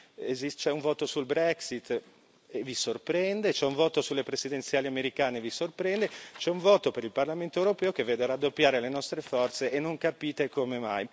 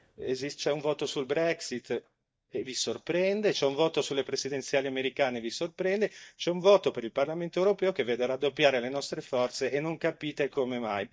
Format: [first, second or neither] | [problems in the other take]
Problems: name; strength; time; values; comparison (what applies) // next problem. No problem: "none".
first | noise reduction (neural mask model DeepFilterNet 3)